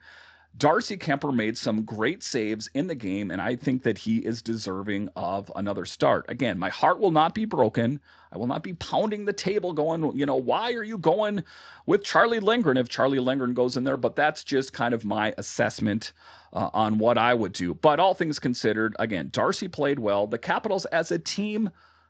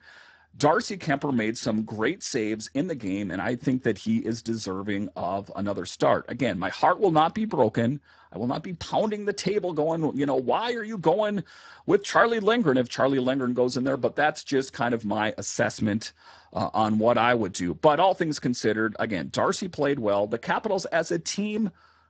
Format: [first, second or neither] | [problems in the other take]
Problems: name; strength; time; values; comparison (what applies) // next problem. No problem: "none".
first | garbled, watery; badly; nothing above 8 kHz; slightly in the first